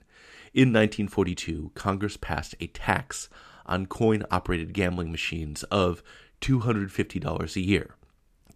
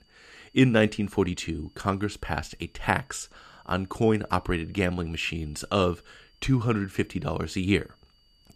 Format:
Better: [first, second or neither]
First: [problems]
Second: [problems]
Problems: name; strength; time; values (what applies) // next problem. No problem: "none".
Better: first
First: none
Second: high-pitched whine; faint; throughout; 4.5 kHz, 35 dB below the speech